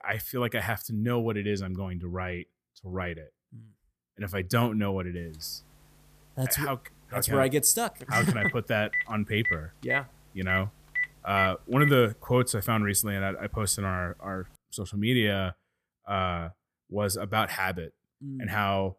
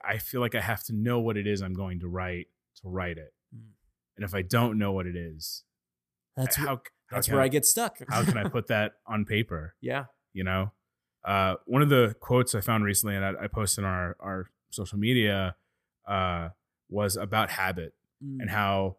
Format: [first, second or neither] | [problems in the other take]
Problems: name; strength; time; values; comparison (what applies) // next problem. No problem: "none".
second | phone ringing; loud; from 8 to 12 s; peak 1 dB above the speech